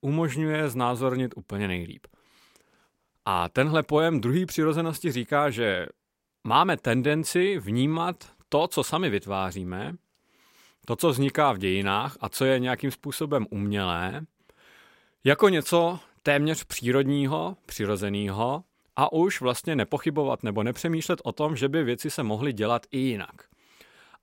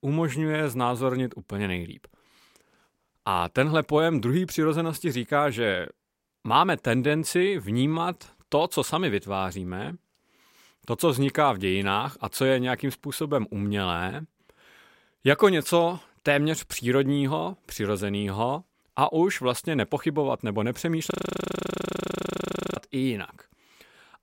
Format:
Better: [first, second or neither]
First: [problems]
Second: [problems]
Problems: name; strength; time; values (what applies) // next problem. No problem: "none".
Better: first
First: none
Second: audio freezing; at 21 s for 1.5 s